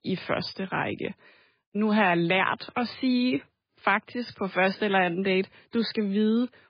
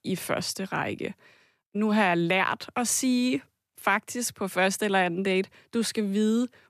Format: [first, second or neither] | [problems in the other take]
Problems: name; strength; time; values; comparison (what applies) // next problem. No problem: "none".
second | garbled, watery; badly; nothing above 5 kHz